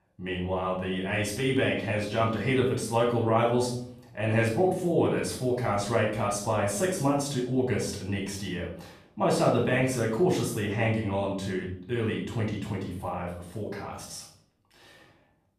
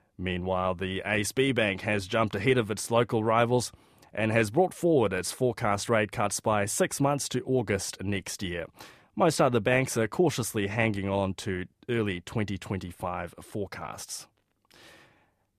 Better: second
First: off-mic speech; far // room echo; noticeable; dies away in 0.6 s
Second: none

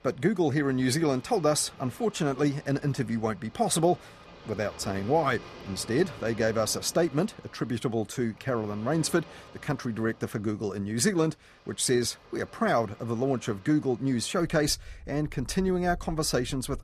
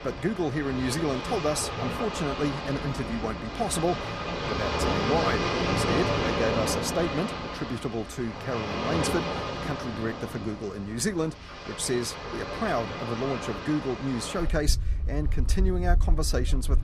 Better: first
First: rain or running water; faint; throughout; 20 dB below the speech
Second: rain or running water; loud; throughout; as loud as the speech

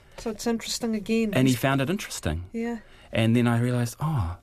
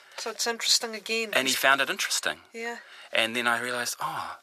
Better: first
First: none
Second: thin; very; fading below 700 Hz

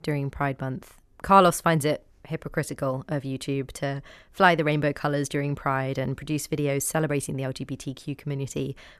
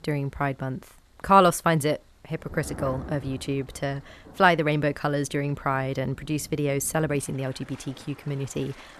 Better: first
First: none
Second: rain or running water; noticeable; throughout; 20 dB below the speech

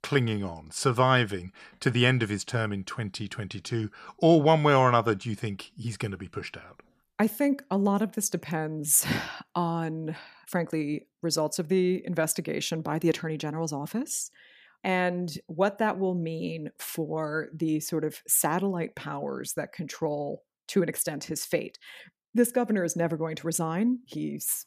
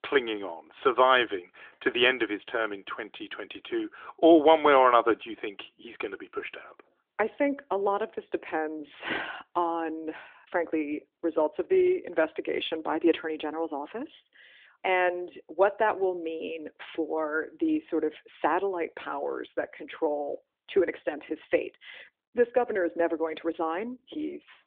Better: first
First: none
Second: phone-call audio; nothing above 3.5 kHz

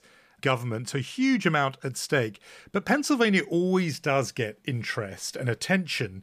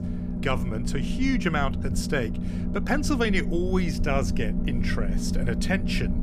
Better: first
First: none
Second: low rumble; loud; throughout; 8 dB below the speech

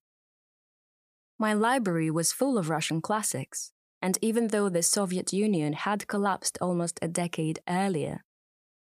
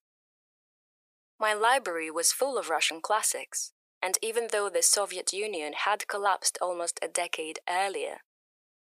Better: first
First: none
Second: thin; very; fading below 450 Hz

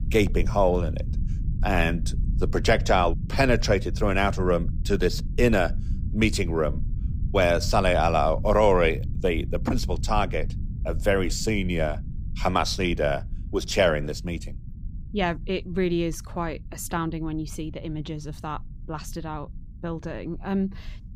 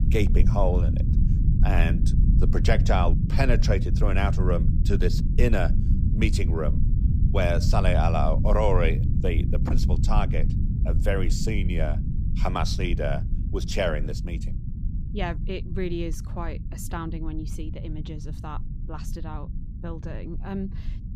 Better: first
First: low rumble; faint; throughout; 20 dB below the speech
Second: low rumble; loud; throughout; 9 dB below the speech

